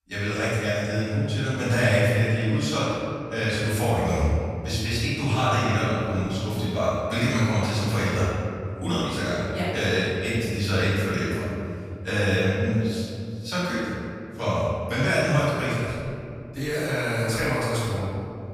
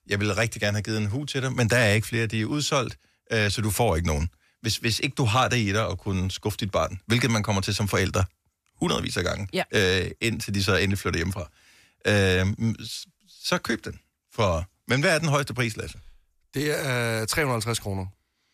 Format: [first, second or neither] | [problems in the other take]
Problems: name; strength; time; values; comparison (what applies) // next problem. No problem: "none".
second | room echo; strong; dies away in 2.4 s // off-mic speech; far